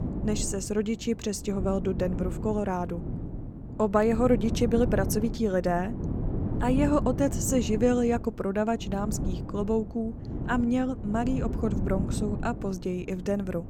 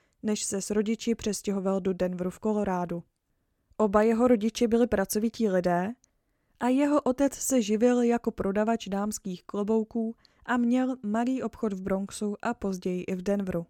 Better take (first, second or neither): second